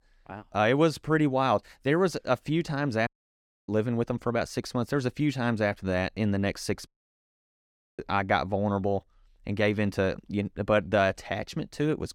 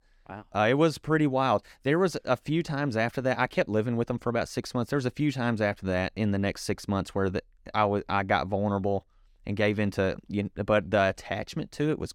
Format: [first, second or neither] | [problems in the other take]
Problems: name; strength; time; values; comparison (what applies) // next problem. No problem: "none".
second | audio cutting out; at 3 s for 0.5 s and at 7 s for 1 s